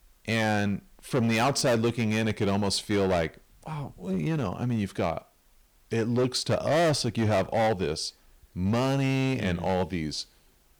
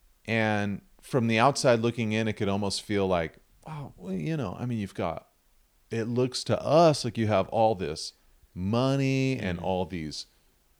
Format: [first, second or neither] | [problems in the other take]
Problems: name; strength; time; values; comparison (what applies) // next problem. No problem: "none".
second | distortion; heavy; 11% of the sound clipped